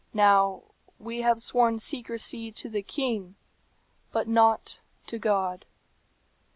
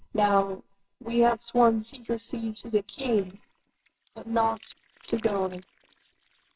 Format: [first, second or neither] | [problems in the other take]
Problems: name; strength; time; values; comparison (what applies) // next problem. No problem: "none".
first | noise reduction (neural separator model SepFormer WHAMR!)